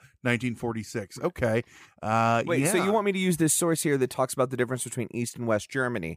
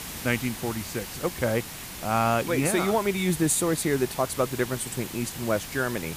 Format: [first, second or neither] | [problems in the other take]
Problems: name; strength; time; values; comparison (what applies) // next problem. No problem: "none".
first | hiss; loud; throughout; 10 dB below the speech